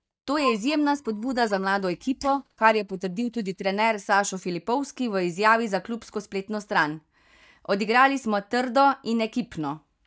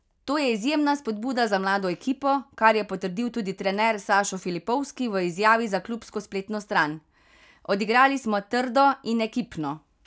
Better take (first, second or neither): second